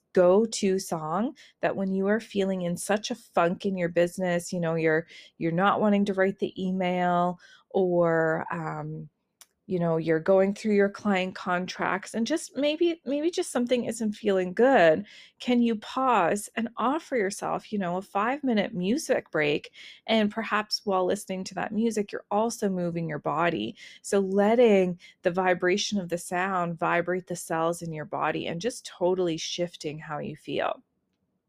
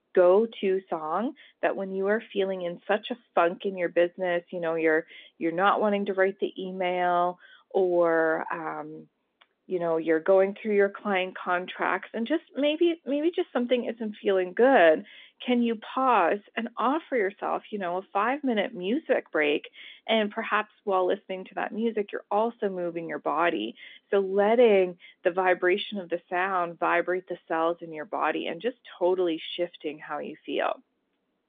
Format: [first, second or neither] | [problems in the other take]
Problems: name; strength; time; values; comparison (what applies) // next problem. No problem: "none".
first | phone-call audio